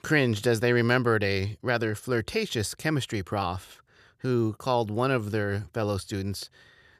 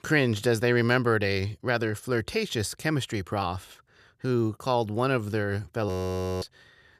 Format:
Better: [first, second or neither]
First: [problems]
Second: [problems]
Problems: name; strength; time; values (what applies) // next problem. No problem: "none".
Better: first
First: none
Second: audio freezing; at 6 s for 0.5 s